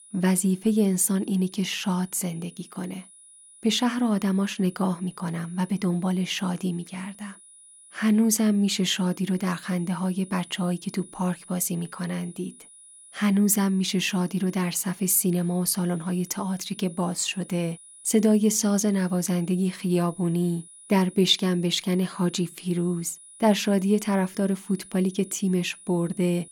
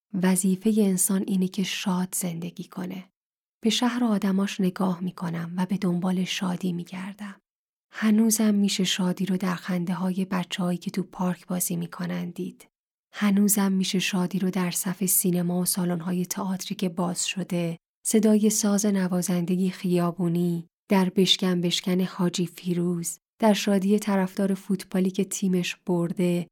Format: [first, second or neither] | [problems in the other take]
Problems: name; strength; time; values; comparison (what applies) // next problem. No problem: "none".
second | high-pitched whine; faint; throughout; 9.5 kHz, 20 dB below the speech